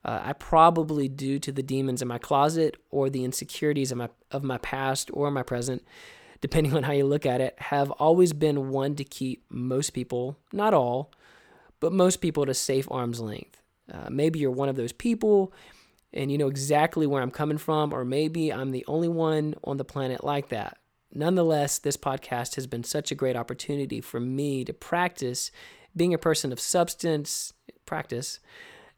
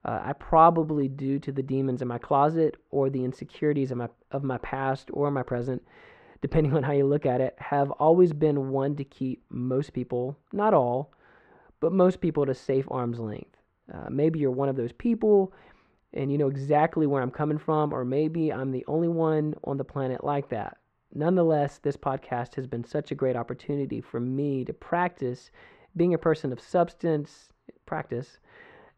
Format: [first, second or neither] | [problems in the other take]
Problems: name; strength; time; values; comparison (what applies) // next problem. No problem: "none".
first | muffled; very; fading above 1.5 kHz